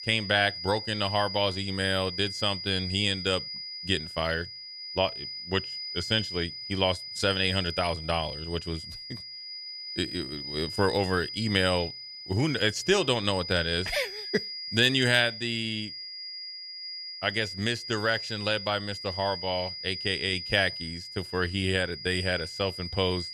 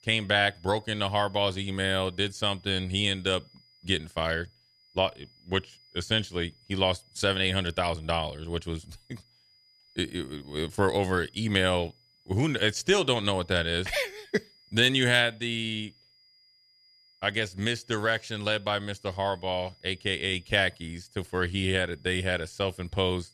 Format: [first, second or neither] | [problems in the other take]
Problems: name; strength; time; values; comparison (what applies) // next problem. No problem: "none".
second | high-pitched whine; loud; throughout; 5 kHz, 8 dB below the speech; faint in the second